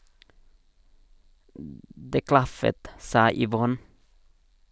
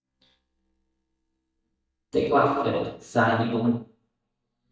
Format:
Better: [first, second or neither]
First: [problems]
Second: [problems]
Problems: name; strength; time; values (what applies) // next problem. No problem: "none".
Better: first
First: none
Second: noise reduction (neural mask model DeepFilterNet 3)